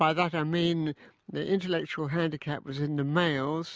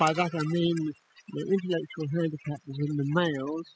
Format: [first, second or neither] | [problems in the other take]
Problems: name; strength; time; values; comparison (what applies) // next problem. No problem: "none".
first | noise reduction (classical method spectral subtraction)